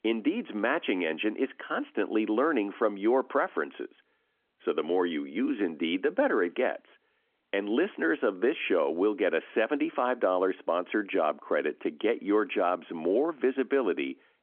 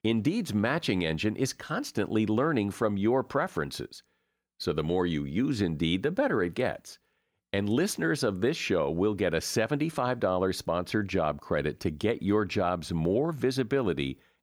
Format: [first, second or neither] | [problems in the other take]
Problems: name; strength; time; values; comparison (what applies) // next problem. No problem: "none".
second | phone-call audio; nothing above 3.5 kHz